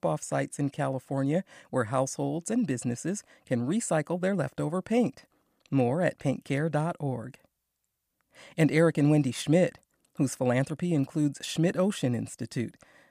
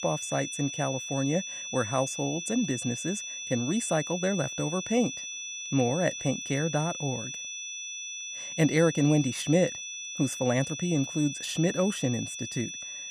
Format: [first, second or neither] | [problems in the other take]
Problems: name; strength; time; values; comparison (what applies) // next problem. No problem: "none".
first | high-pitched whine; loud; throughout; 6 kHz, 6 dB below the speech